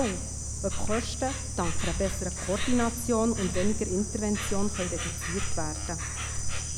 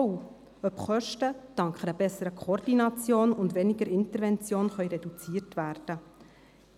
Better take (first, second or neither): second